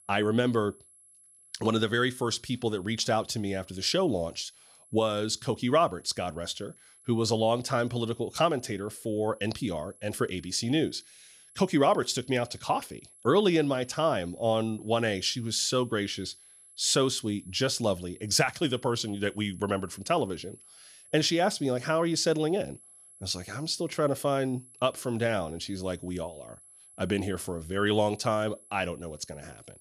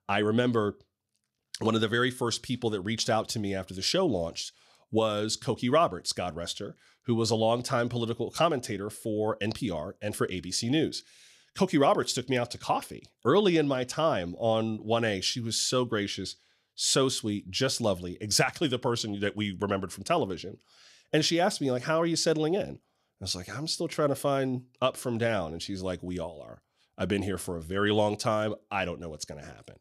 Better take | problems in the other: second | high-pitched whine; faint; throughout; 11 kHz, 25 dB below the speech

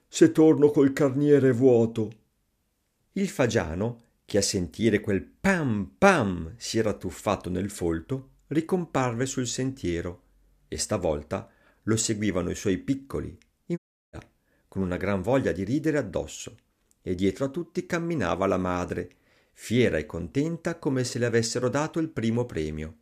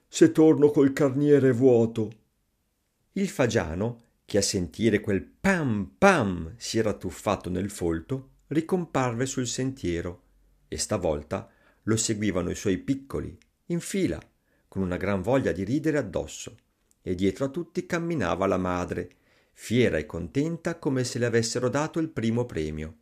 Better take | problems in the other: second | audio cutting out; at 14 s

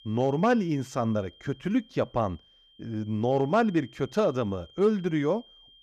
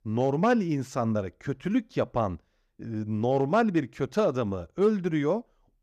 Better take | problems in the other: second | high-pitched whine; faint; throughout; 3 kHz, 25 dB below the speech

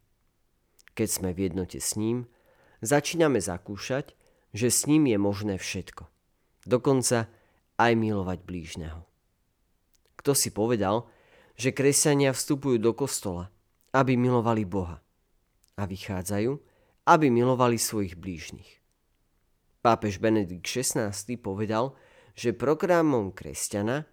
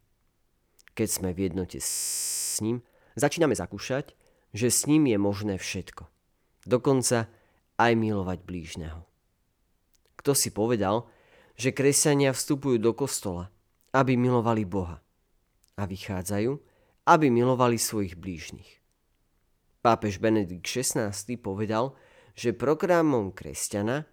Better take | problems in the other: first | audio freezing; at 2 s for 0.5 s

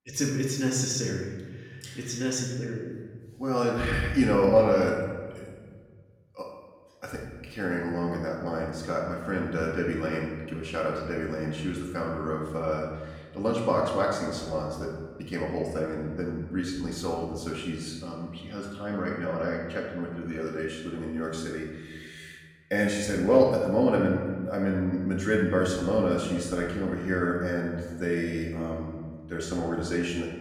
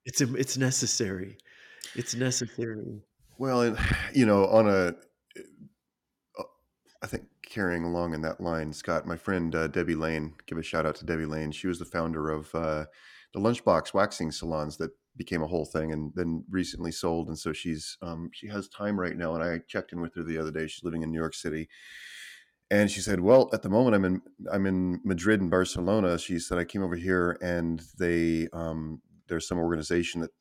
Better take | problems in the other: second | room echo; noticeable; dies away in 1.3 s // off-mic speech; far

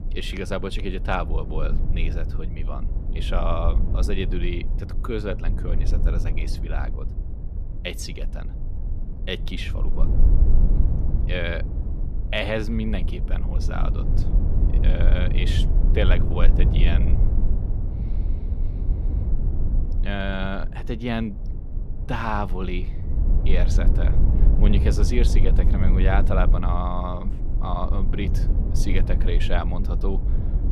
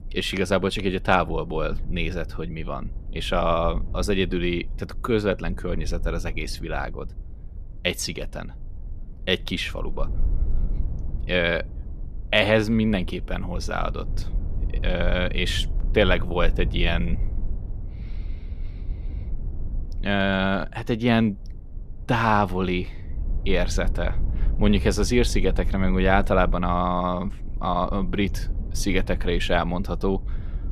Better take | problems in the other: second | low rumble; loud; throughout; 9 dB below the speech; faint in the second

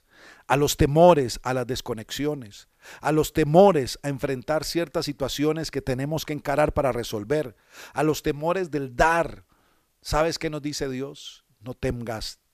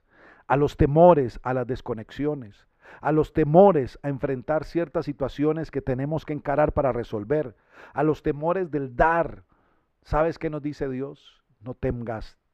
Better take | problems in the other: first | muffled; very; fading above 3.5 kHz

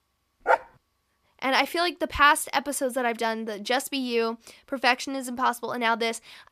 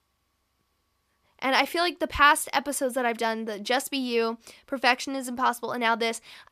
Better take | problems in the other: second | dog barking; loud; at 0.5 s; peak level with the speech

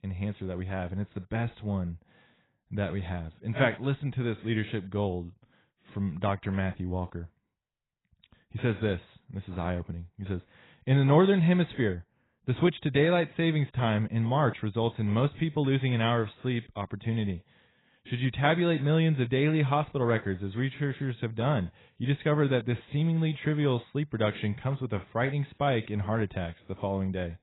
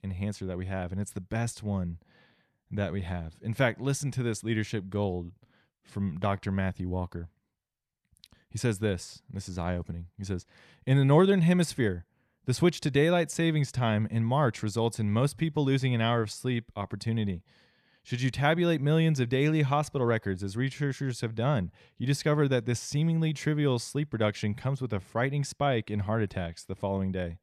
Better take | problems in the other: second | garbled, watery; badly; nothing above 4 kHz

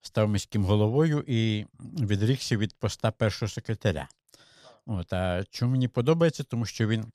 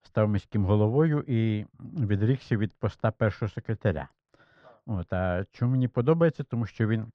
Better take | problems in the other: first | muffled; very; fading above 2 kHz

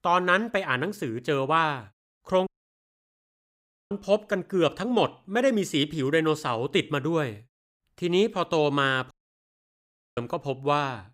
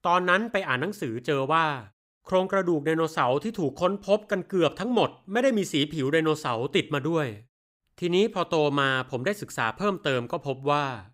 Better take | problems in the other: second | audio cutting out; at 2.5 s for 1.5 s and at 9 s for 1 s

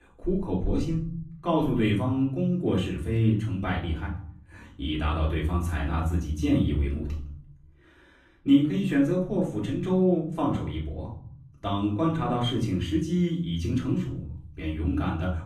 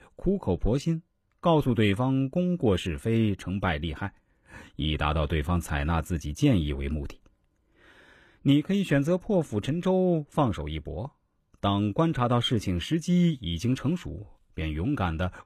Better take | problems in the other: second | room echo; slight; dies away in 0.7 s // off-mic speech; far

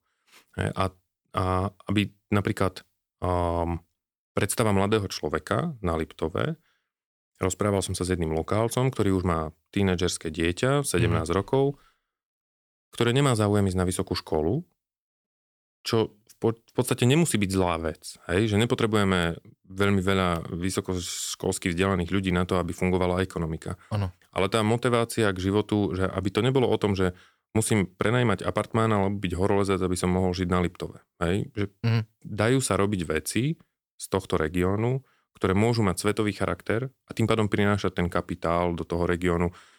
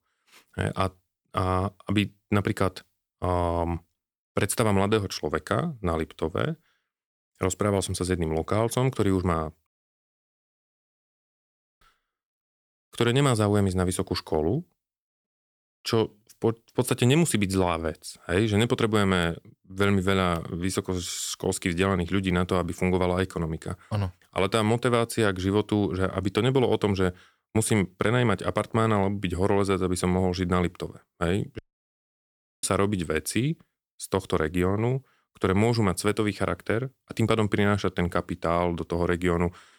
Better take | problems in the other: first | audio cutting out; at 9.5 s for 2 s and at 32 s for 1 s

